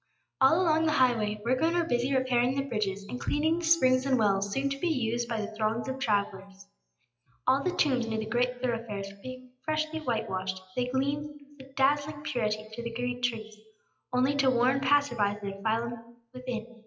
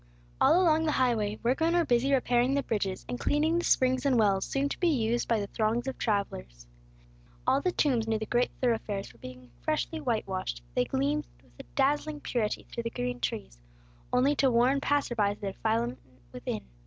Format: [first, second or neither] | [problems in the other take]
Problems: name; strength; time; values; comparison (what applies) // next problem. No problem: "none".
second | noise reduction (classical method WPE with log-MMSE)